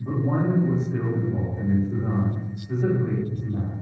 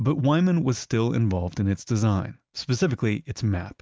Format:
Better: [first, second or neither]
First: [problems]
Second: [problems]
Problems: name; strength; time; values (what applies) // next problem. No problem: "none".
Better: second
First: noise reduction (neural separator model SepFormer DNS4)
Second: none